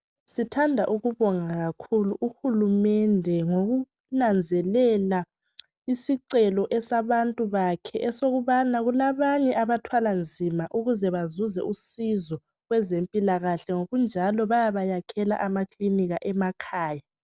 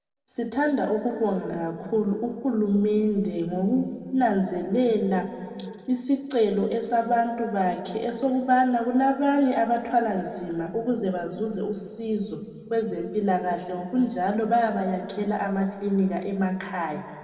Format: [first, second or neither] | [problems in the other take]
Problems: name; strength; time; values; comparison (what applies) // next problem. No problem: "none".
first | room echo; dies away in 1.8 s